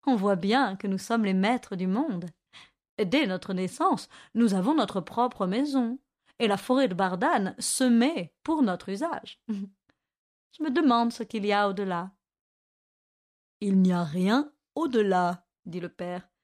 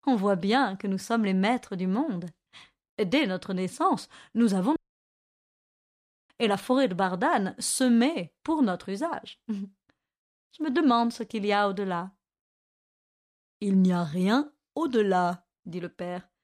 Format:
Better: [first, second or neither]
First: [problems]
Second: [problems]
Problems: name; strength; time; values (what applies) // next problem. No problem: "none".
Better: first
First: none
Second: audio cutting out; at 5 s for 1.5 s